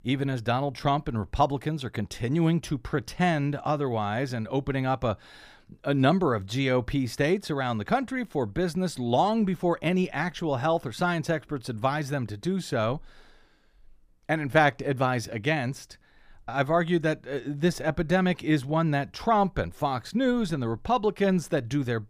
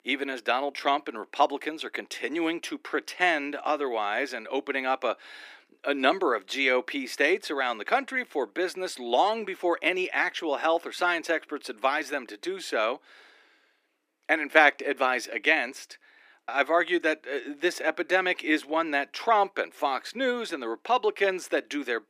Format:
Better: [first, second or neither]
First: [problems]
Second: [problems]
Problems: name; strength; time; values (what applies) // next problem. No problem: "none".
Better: first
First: none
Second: thin; somewhat; fading below 300 Hz